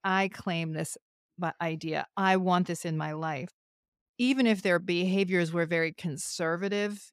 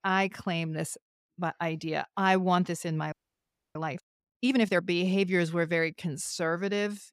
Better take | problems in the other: first | audio freezing; at 3 s for 0.5 s

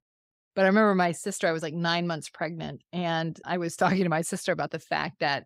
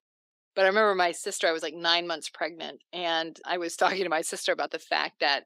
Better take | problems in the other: first | thin; very; fading below 300 Hz

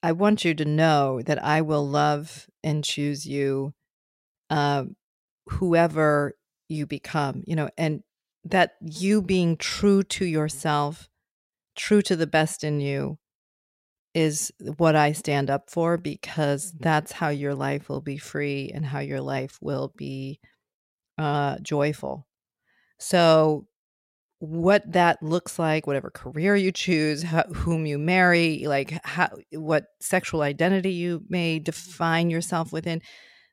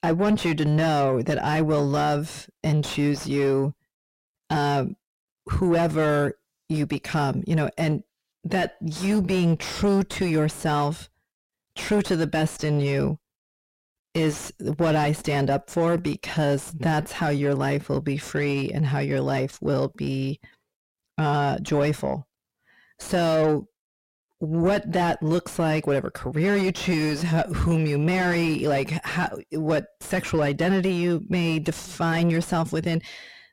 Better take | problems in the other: first | distortion; heavy; 5 dB below the speech

